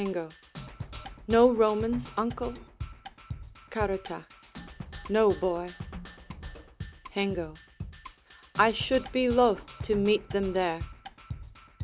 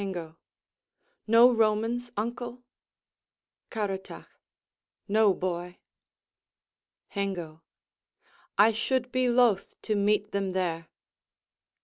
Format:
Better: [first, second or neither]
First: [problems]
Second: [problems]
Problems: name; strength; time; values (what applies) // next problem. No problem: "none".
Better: second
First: background sound (Percussion); 12 dB below the speech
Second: none